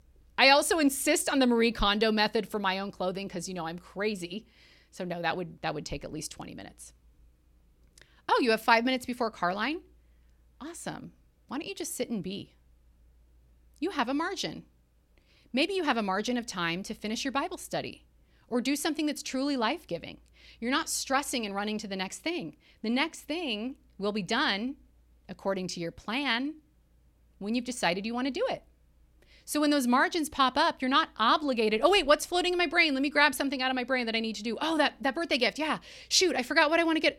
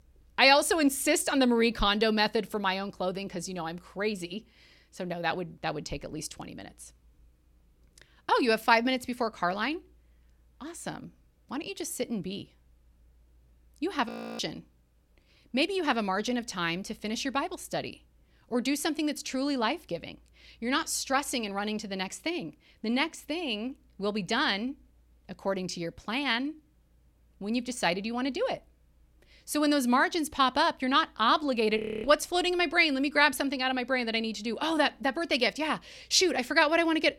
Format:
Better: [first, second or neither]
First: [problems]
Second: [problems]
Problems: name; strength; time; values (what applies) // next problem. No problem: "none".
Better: first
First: none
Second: audio freezing; at 14 s and at 32 s